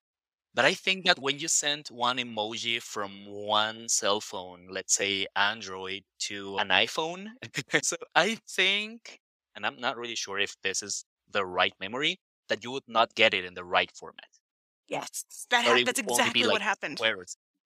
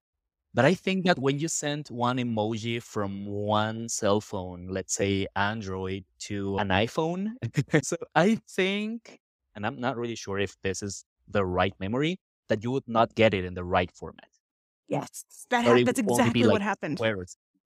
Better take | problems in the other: second | thin; somewhat; fading below 1 kHz

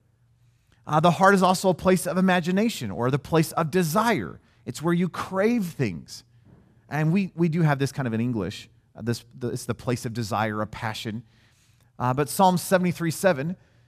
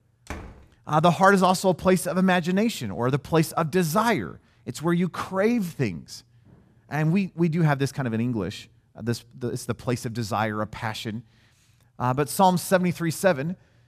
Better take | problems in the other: first | door banging; faint; at 0.5 s; peak 15 dB below the speech

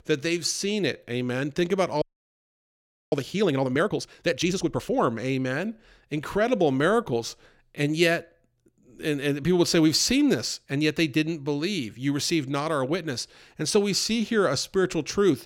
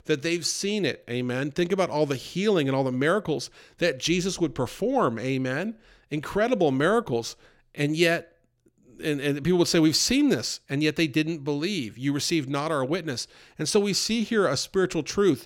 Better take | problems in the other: second | audio freezing; at 2 s for 1 s

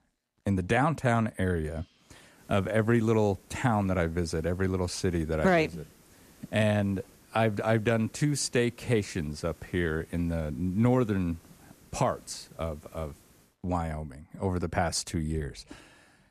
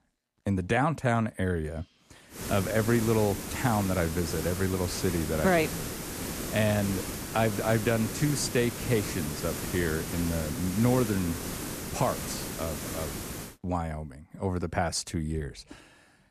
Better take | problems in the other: first | hiss; loud; from 2.5 to 13 s; 6 dB below the speech; faint in the first

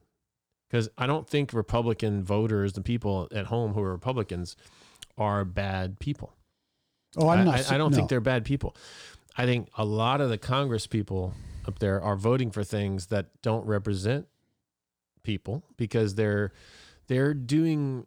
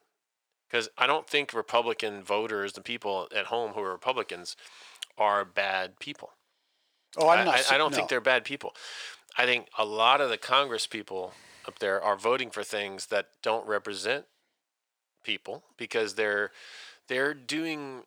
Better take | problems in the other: first | thin; very; fading below 650 Hz

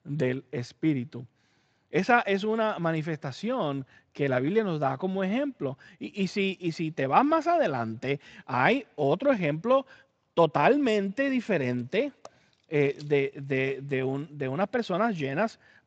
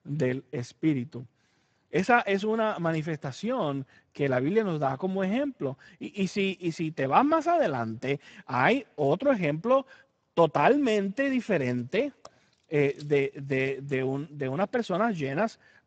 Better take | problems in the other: first | garbled, watery; badly; nothing above 8 kHz; slightly in the first

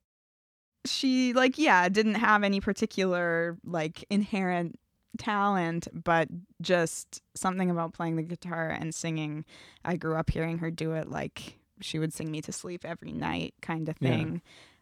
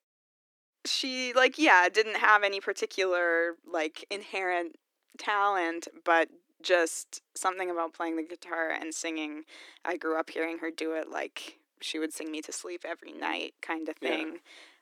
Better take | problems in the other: first | thin; very; fading below 300 Hz

